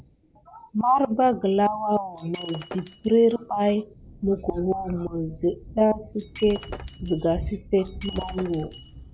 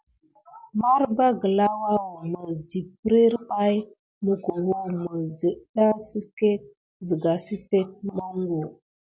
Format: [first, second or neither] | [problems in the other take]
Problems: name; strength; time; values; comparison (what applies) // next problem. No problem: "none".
second | background sound (Shatter + Thunder); 15 dB below the speech